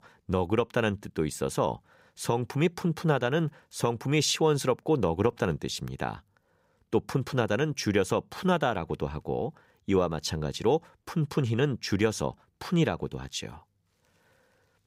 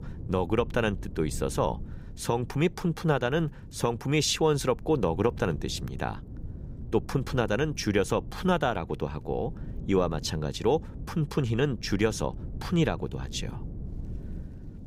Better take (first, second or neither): first